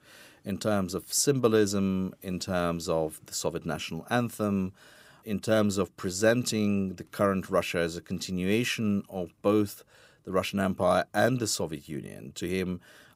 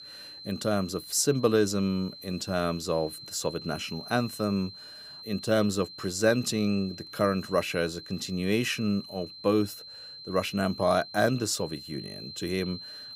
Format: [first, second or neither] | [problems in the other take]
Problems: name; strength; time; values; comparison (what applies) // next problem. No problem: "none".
first | high-pitched whine; noticeable; throughout; 4 kHz, 15 dB below the speech